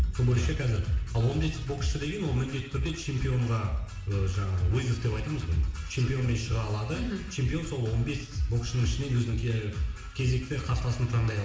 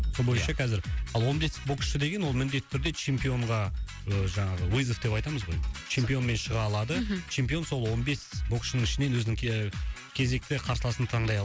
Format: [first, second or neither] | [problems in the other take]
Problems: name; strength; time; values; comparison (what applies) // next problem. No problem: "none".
second | room echo; dies away in 0.9 s